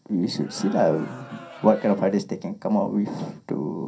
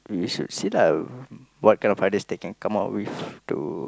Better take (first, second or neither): second